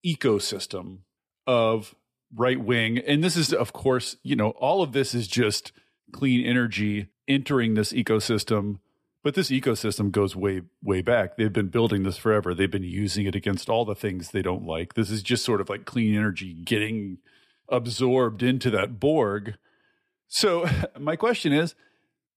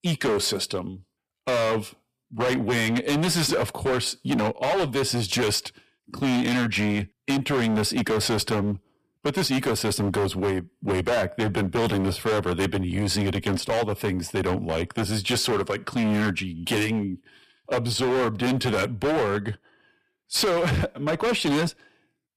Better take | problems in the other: first | distortion; heavy; 22% of the sound clipped

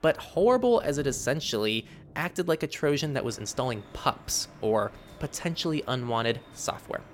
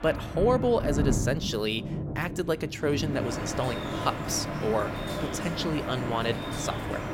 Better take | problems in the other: first | rain or running water; loud; throughout; 3 dB below the speech; faint in the first

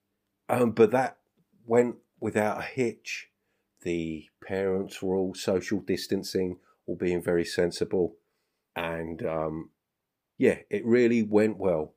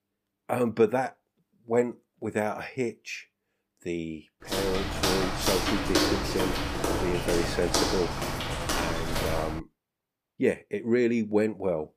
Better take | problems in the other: first | footsteps; loud; from 4.5 to 9.5 s; peak 4 dB above the speech

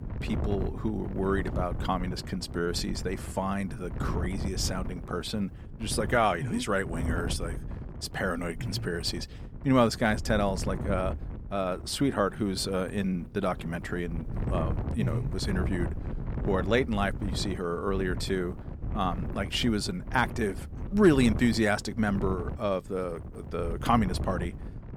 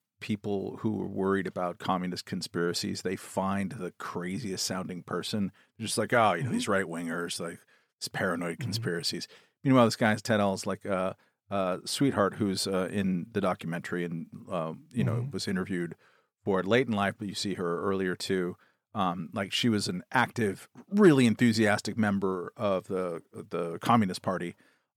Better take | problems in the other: second | wind noise on the microphone; occasional gusts; 15 dB below the speech

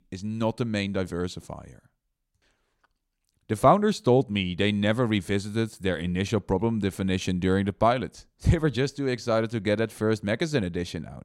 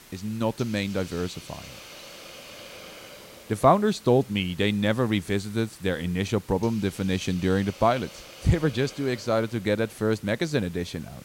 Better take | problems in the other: first | hiss; noticeable; throughout; 20 dB below the speech

